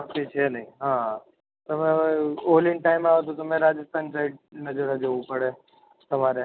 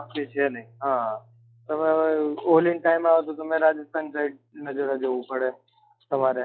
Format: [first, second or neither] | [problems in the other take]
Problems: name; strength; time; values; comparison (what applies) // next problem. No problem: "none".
first | noise reduction (classical method log-MMSE)